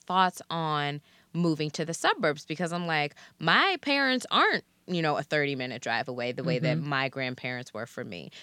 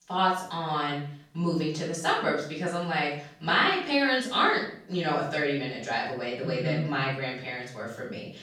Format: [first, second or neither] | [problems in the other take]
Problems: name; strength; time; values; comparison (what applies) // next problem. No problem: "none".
first | off-mic speech; far // room echo; noticeable; dies away in 0.5 s